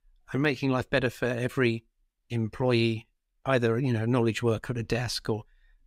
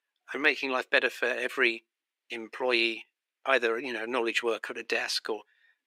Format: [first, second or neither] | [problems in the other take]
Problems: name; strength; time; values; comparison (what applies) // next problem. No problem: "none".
first | thin; very; fading below 350 Hz